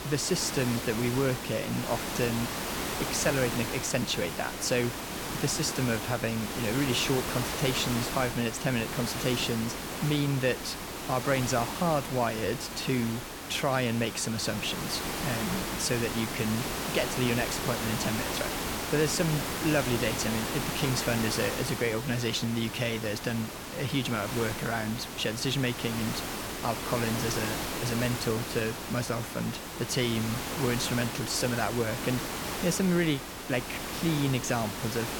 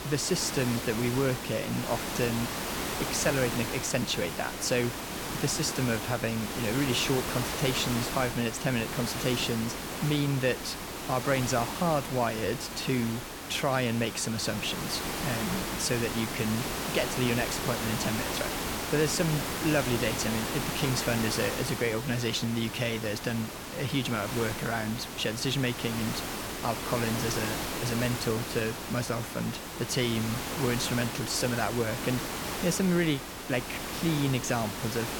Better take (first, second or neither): neither